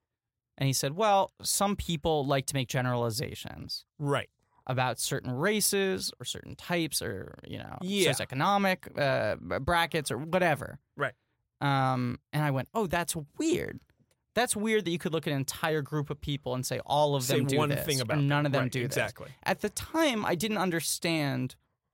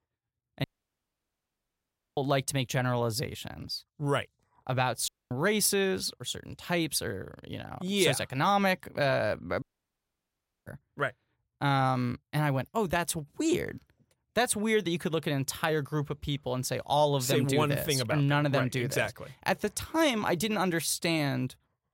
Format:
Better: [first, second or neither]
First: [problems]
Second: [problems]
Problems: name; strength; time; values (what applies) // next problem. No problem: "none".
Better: first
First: none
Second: audio cutting out; at 0.5 s for 1.5 s, at 5 s and at 9.5 s for 1 s